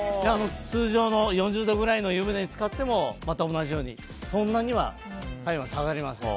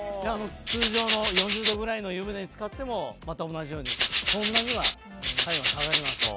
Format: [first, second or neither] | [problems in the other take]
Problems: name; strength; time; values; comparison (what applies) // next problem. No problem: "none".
first | background sound (Rattle (instrument)); 5 dB above the speech